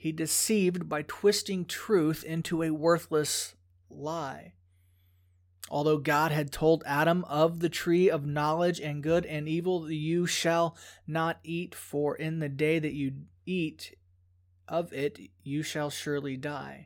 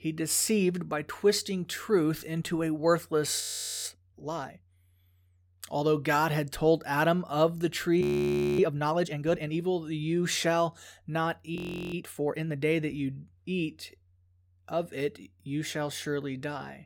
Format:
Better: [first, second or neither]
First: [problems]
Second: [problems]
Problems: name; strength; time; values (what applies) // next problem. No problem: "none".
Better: first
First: none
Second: audio freezing; at 3.5 s, at 8 s for 0.5 s and at 12 s